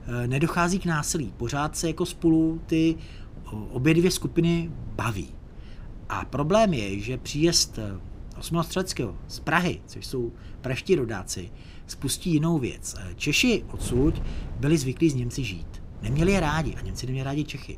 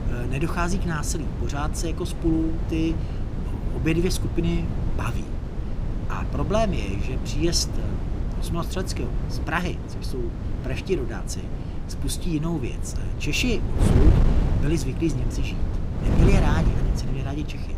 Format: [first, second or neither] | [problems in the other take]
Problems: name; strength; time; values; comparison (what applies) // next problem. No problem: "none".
first | wind noise on the microphone; heavy; 7 dB below the speech; occasional gusts in the first